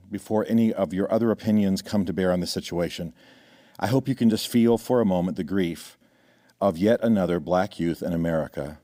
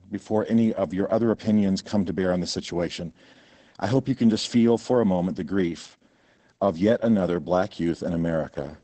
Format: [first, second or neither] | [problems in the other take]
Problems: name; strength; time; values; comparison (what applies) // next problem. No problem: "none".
first | garbled, watery; badly; nothing above 8 kHz